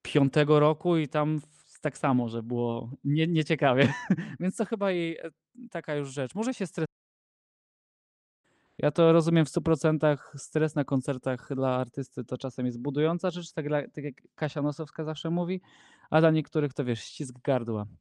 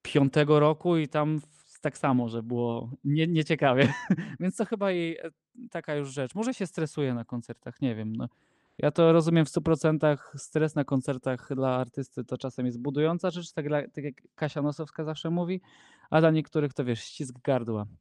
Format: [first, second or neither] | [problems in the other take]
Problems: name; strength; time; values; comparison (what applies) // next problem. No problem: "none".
second | audio cutting out; at 7 s for 1.5 s